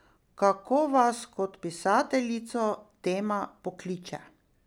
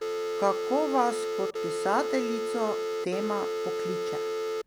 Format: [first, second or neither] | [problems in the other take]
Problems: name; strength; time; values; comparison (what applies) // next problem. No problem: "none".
first | background sound (Telephone); 1 dB above the speech